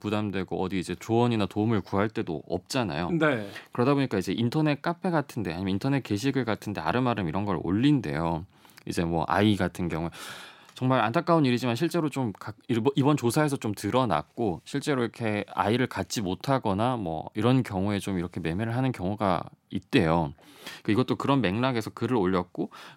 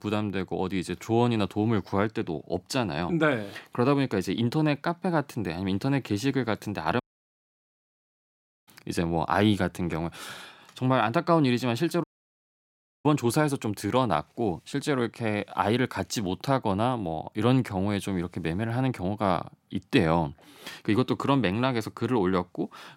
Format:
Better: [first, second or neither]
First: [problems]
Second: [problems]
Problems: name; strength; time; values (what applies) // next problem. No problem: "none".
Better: first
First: none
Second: audio cutting out; at 7 s for 1.5 s and at 12 s for 1 s